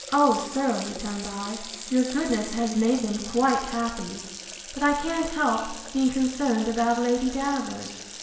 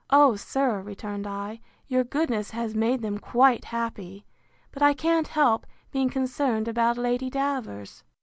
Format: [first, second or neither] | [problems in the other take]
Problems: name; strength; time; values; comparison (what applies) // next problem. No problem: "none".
second | background sound (Water tap, faucet); 13 dB below the speech // room echo; dies away in 0.9 s